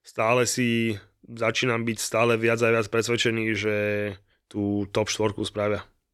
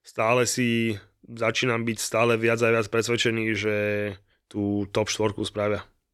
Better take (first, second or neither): neither